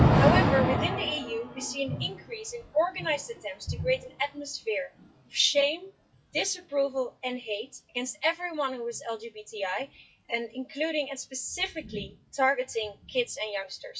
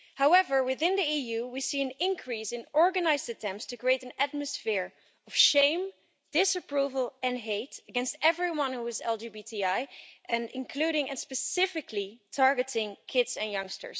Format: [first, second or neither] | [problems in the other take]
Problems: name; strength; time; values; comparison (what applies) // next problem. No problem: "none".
second | noise reduction (classical method WPE with log-MMSE)